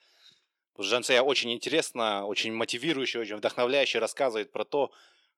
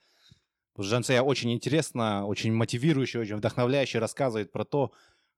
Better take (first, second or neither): second